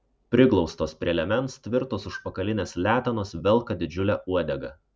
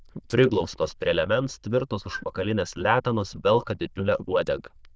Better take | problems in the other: first | noise reduction (neural diffusion model UNIVERSE++)

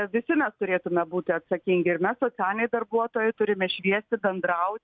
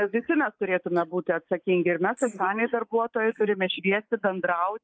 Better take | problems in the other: first | noise reduction (neural mask model Resemble Enhance denoiser)

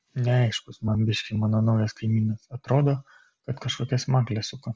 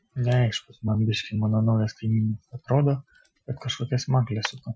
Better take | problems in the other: first | noise reduction (classical method Wiener filter)

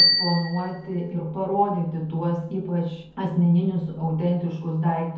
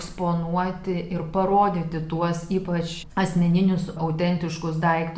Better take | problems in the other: second | background sound (Bicycle bell); 5 dB below the speech // room echo; dies away in 0.5 s

